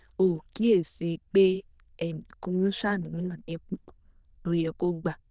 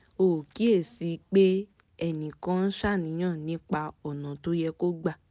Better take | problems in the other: second | noise reduction (neural diffusion model UNIVERSE++)

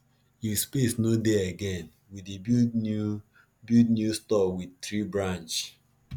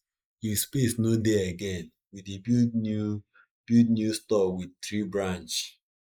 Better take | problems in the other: first | noise reduction (neural mask model Resemble Enhance denoiser)

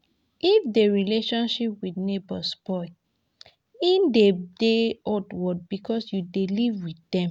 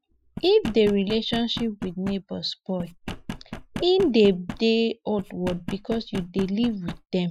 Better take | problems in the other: first | noise reduction (classical method Wiener filter)

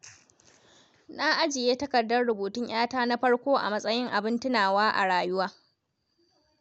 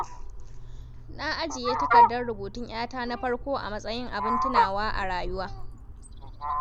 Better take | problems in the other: first | background sound (Fowl); 4 dB above the speech

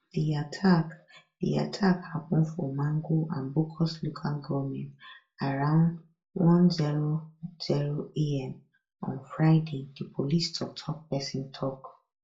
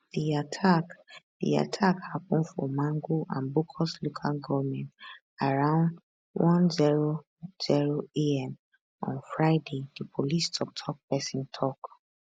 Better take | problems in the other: second | room echo; dies away in 0.2 s

